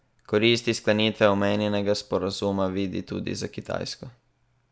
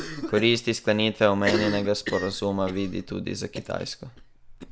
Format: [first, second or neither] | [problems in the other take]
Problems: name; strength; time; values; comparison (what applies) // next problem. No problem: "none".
first | background sound (Cough); 9 dB below the speech